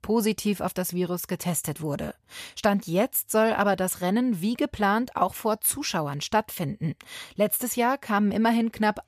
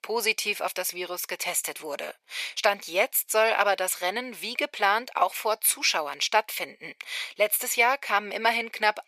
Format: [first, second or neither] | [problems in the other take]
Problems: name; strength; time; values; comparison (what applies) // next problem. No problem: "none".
first | thin; very; fading below 500 Hz